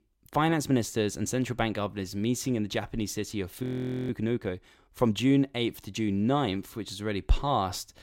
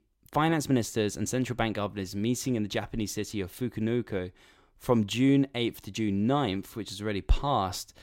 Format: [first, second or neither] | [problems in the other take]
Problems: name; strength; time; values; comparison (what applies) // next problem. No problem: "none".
second | audio freezing; at 3.5 s